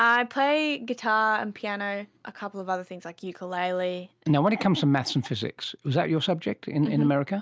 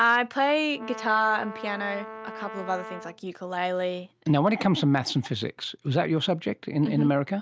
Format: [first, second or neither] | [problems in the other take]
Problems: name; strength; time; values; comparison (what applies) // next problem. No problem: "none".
first | background sound (Brass instrument); 14 dB below the speech